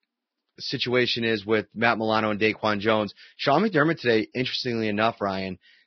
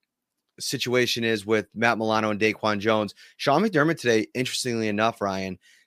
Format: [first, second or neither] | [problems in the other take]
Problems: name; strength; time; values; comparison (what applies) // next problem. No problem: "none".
second | garbled, watery; badly; nothing above 5.5 kHz